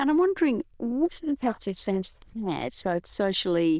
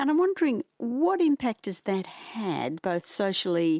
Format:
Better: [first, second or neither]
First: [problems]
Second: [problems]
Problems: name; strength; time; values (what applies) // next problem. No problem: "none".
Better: second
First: noise reduction (neural diffusion model UNIVERSE++)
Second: none